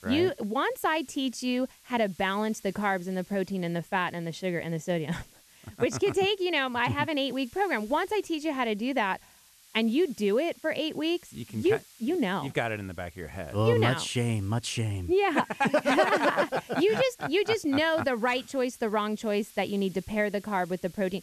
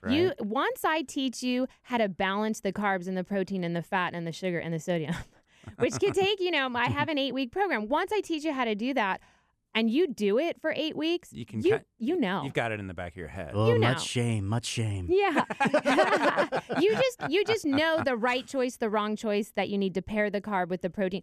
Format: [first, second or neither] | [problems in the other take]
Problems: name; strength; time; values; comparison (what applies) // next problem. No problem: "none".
second | hiss; faint; throughout; 25 dB below the speech